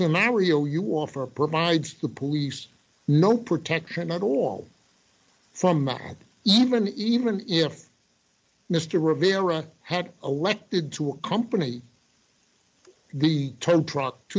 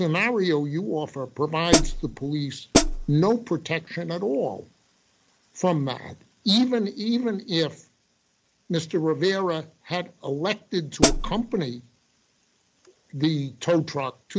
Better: first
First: none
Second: background sound (Hi-hat); 4 dB above the speech

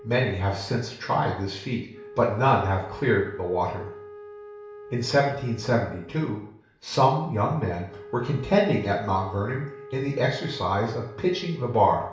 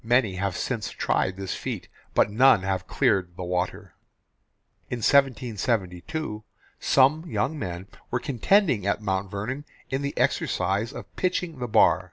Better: second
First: background sound (Wind instrument, woodwind instrument); 18 dB below the speech // room echo; dies away in 0.6 s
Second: none

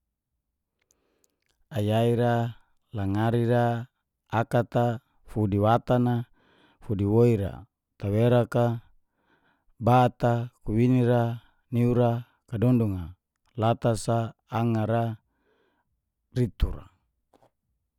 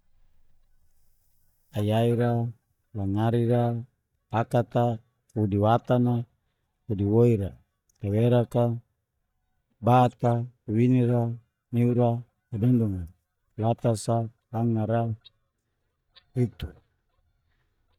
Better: first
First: none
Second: noise reduction (neural mask model DeepFilterNet 3)

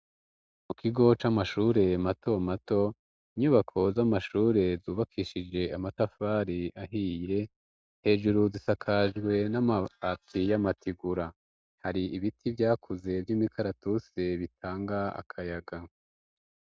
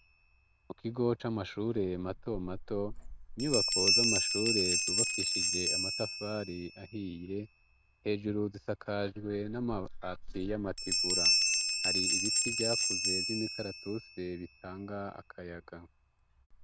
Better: first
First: none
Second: background sound (Bell); 3 dB above the speech

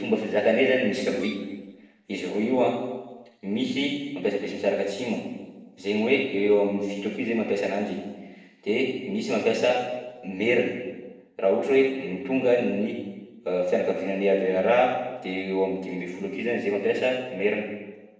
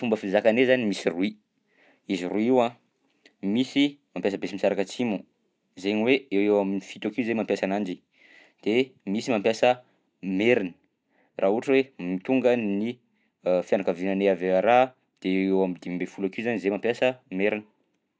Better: second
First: noise reduction (neural separator model SepFormer DNS4)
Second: none

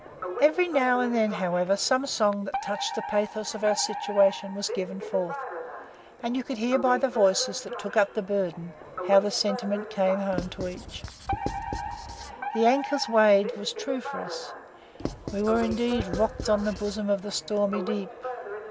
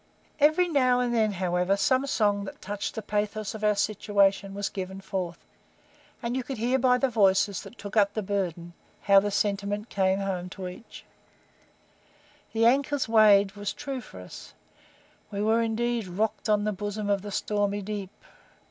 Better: second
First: background sound (Writing + Alarm); 9 dB below the speech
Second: none

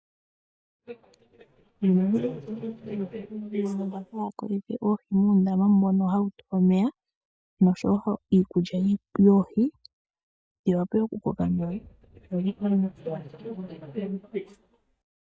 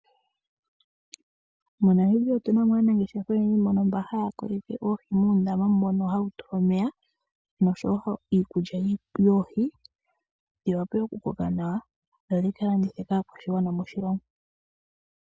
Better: second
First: noise reduction (neural mask model DeepFilterNet 3)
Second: none

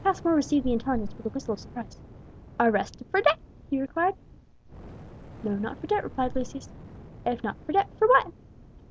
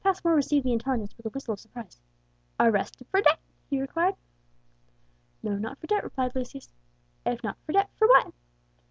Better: second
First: background sound (Fire); 17 dB below the speech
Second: none

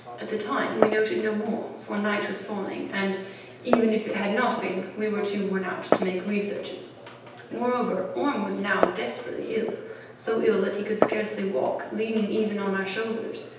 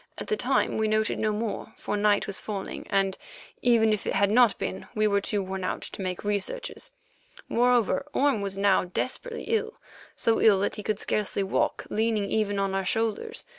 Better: second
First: background sound (Glass); 6 dB below the speech // room echo; dies away in 0.9 s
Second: none

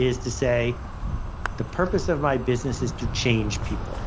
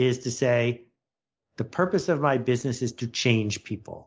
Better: second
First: background sound (Insect); 5 dB below the speech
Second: none

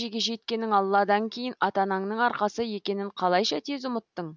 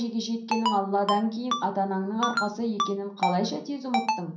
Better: first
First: none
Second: background sound (Ringtone); 4 dB below the speech // room echo; dies away in 0.6 s

